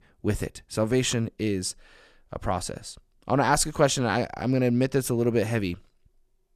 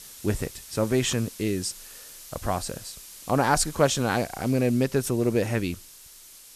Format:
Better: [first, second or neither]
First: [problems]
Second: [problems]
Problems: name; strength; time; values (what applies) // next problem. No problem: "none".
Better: first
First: none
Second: hiss; noticeable; throughout; 15 dB below the speech